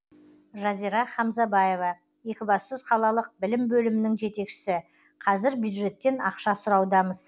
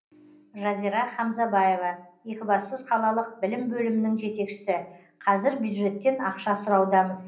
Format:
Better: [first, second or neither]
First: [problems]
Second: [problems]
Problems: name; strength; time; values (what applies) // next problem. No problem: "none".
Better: first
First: none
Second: room echo; dies away in 0.5 s